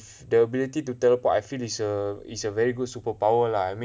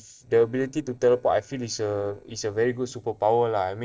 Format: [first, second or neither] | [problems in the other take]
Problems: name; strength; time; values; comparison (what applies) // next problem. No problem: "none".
first | noise reduction (neural separator model SepFormer DNS4)